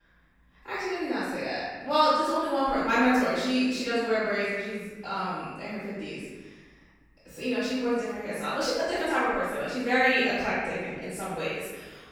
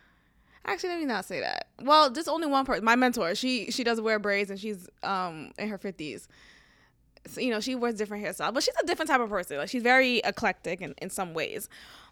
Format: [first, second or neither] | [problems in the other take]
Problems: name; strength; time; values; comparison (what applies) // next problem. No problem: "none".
second | off-mic speech; far // room echo; strong; dies away in 1.3 s